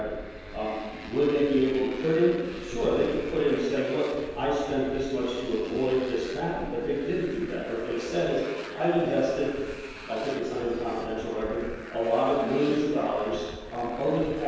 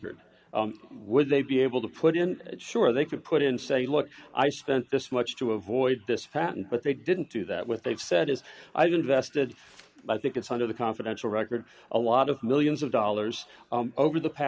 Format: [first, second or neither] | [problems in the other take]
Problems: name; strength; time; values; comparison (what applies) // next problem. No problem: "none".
second | background sound (Motorcycle); 14 dB below the speech // room echo; dies away in 1.2 s